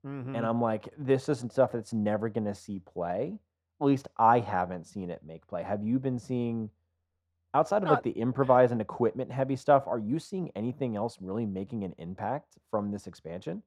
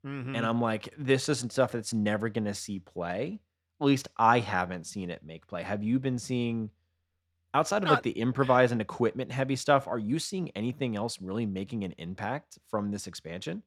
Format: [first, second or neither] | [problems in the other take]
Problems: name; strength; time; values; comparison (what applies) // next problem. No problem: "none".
second | muffled; slightly; fading above 1.5 kHz